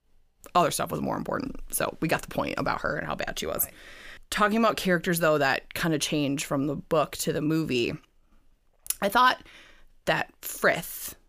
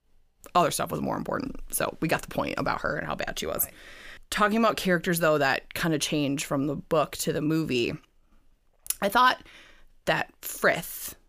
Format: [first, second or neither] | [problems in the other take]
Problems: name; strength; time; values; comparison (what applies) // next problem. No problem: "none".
neither | none